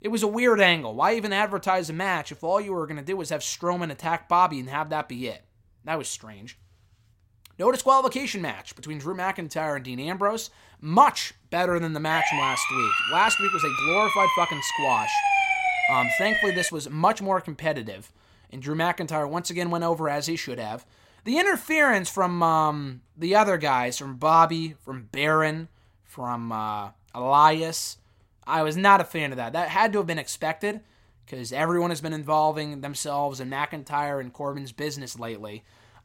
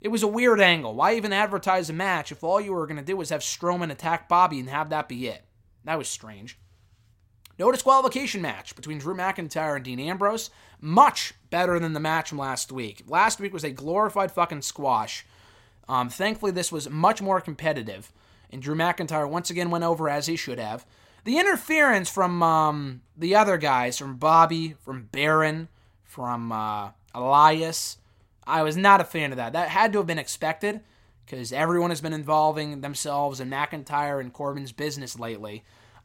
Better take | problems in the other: second | siren; loud; from 12 to 17 s; peak 4 dB above the speech

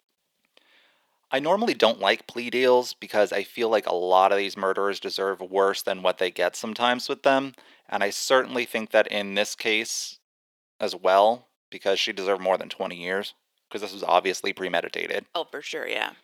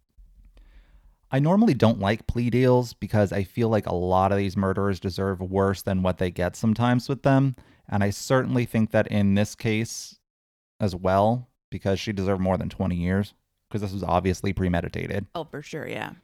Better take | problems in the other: second | thin; very; fading below 400 Hz

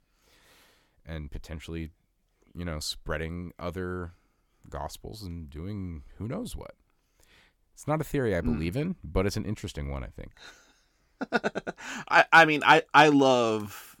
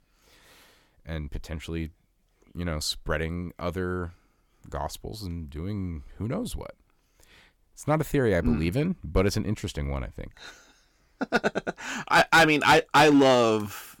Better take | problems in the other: first | distortion; heavy; 1.7% of the sound clipped

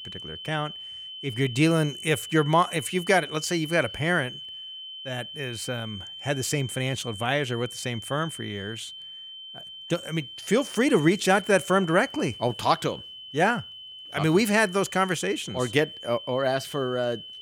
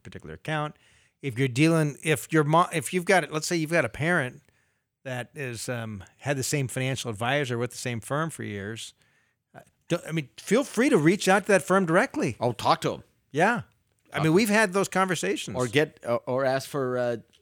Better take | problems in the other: second | high-pitched whine; noticeable; throughout; 3 kHz, 10 dB below the speech

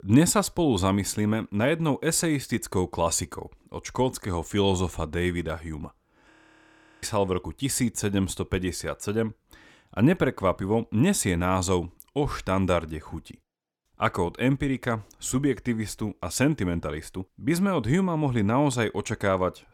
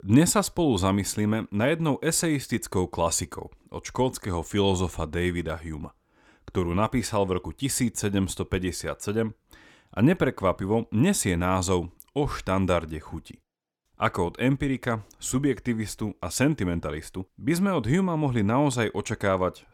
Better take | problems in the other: second | audio freezing; at 6.5 s for 0.5 s

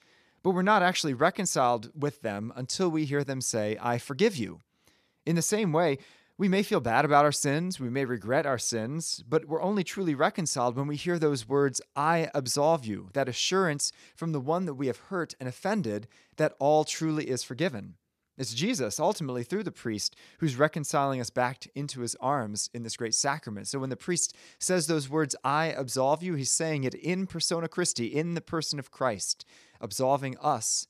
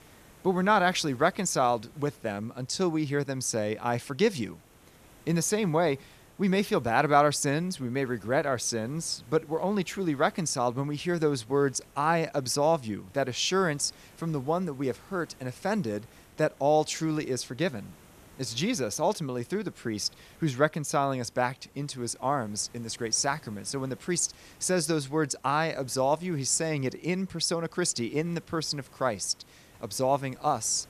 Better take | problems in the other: first | hiss; faint; throughout; 25 dB below the speech

